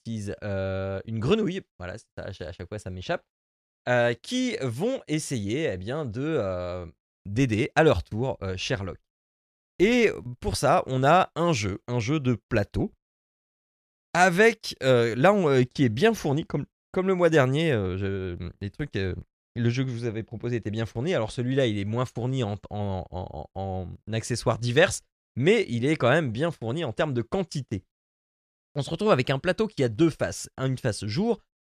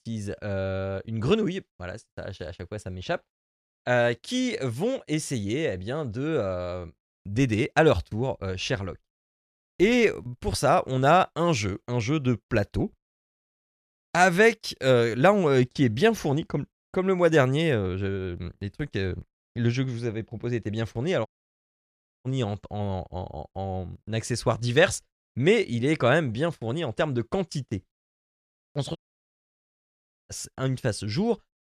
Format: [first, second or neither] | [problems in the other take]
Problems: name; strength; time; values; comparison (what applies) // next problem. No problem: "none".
first | audio cutting out; at 21 s for 1 s and at 29 s for 1.5 s